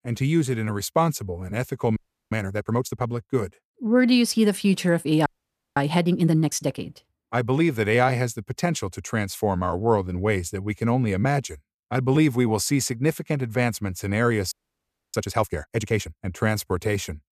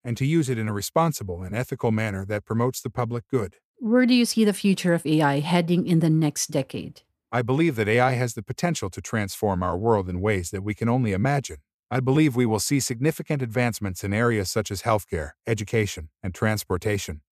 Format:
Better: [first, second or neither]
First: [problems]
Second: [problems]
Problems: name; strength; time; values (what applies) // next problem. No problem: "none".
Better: second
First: audio freezing; at 2 s, at 5.5 s for 0.5 s and at 15 s for 0.5 s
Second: none